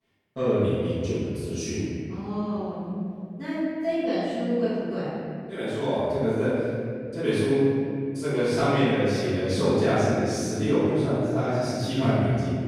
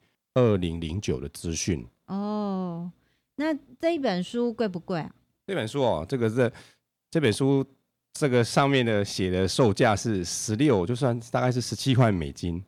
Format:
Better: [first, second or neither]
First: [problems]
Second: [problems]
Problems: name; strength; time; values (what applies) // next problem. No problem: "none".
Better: second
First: off-mic speech; far // room echo; strong; dies away in 2.4 s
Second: none